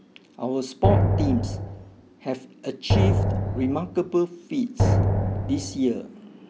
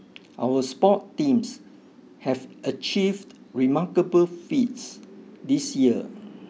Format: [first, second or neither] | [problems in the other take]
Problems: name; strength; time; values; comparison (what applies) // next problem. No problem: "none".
second | background sound (Drum); 4 dB above the speech